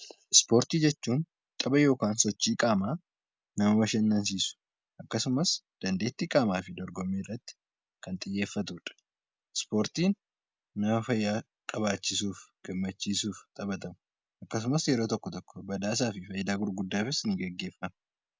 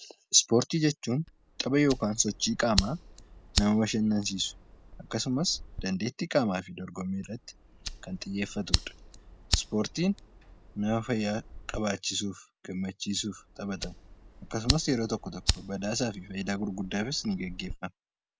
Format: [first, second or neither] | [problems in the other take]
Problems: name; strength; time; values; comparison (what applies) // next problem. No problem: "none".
first | background sound (Fire); 7 dB below the speech